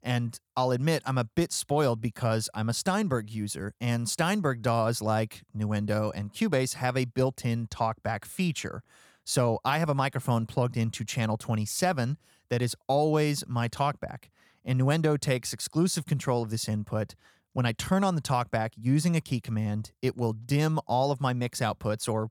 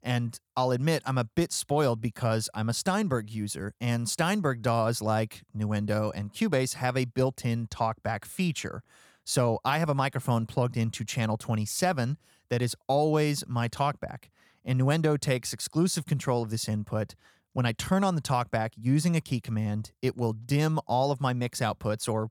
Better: neither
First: none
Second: none

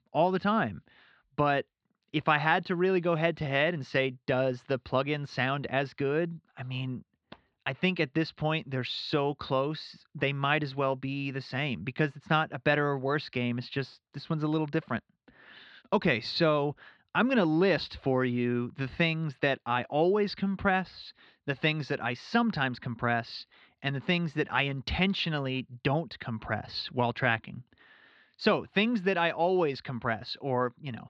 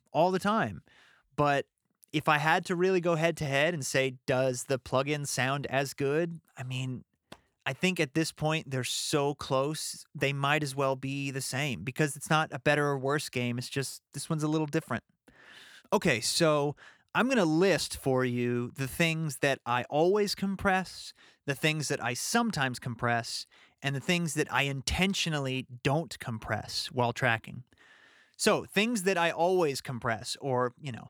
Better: second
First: muffled; very slightly; fading above 4 kHz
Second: none

